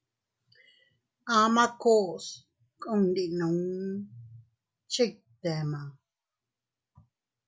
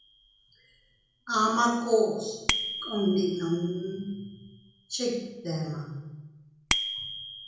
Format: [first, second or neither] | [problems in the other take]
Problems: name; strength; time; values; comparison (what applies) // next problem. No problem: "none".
first | background sound (Bicycle bell); 7 dB below the speech // room echo; dies away in 0.9 s